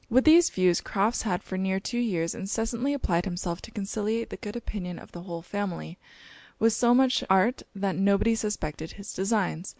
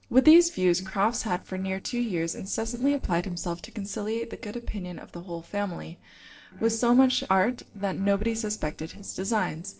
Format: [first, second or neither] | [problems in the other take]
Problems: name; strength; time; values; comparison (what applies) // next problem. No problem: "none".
first | noise reduction (neural separator model SepFormer DNS4)